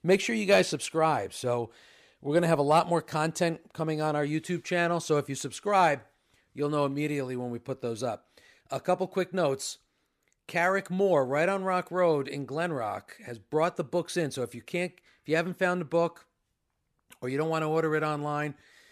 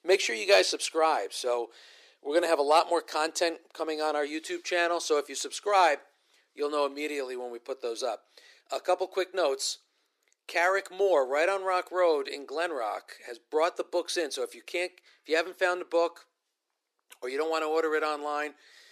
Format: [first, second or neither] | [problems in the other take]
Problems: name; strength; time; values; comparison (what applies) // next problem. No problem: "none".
first | thin; very; fading below 350 Hz